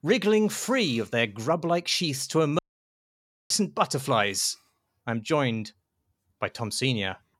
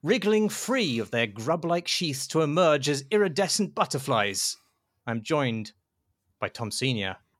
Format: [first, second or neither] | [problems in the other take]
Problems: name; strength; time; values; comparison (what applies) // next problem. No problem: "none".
second | audio cutting out; at 2.5 s for 1 s